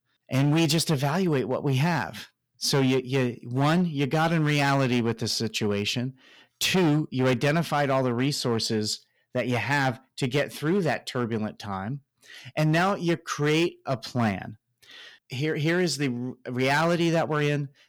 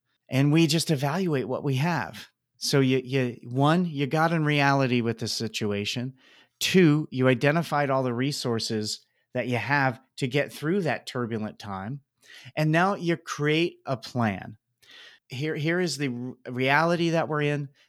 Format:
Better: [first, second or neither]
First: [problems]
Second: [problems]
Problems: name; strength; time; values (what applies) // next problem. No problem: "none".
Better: second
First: distortion; slight; 8% of the sound clipped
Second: none